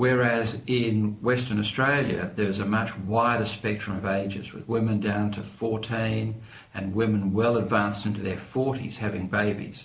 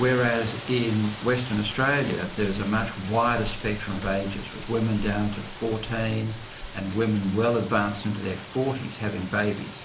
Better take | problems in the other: first | background sound (Rain); 12 dB below the speech

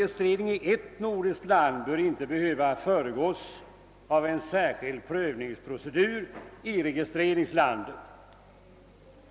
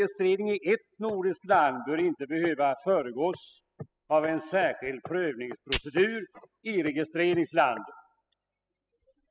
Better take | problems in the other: first | noise reduction (classical method spectral subtraction)

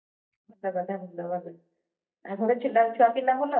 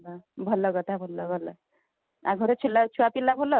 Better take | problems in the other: second | noise reduction (neural mask model DeepFilterNet 3)

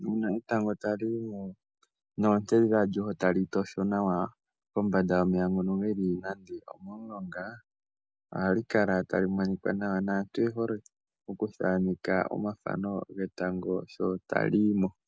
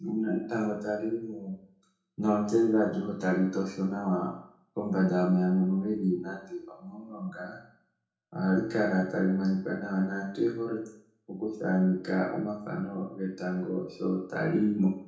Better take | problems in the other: first | room echo; dies away in 0.5 s

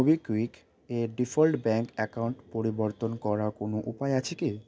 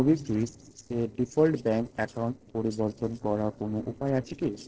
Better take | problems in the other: first | noise reduction (neural separator model SepFormer DNS4)

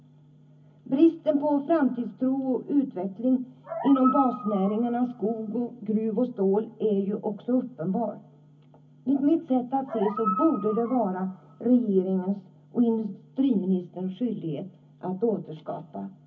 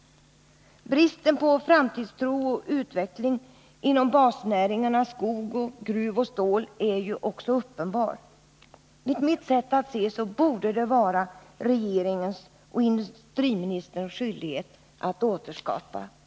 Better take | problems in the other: second | background sound (Animal); 8 dB below the speech // room echo; dies away in 0.3 s

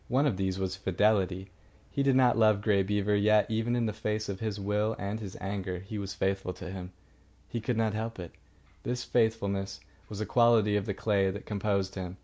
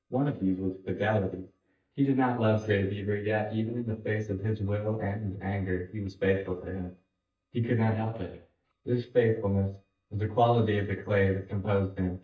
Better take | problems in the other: first | noise reduction (neural mask model DeepFilterNet 3)

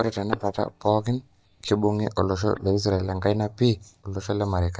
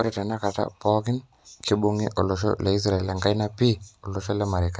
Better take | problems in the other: second | noise reduction (neural mask model DeepFilterNet 3)

